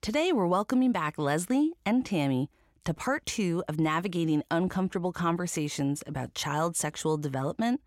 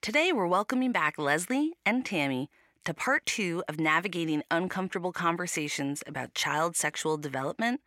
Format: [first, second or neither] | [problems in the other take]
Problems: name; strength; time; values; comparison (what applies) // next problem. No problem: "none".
first | thin; very slightly; fading below 650 Hz